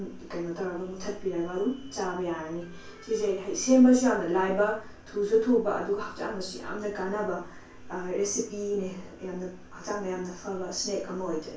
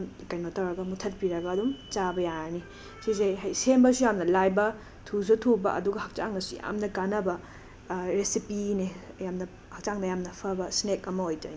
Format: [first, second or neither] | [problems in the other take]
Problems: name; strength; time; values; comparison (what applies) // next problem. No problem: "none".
second | room echo; dies away in 0.3 s